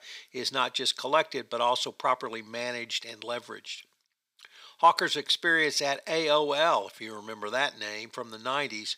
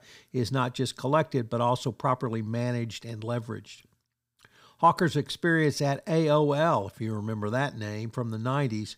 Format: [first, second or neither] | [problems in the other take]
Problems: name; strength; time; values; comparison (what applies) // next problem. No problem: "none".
second | thin; very; fading below 500 Hz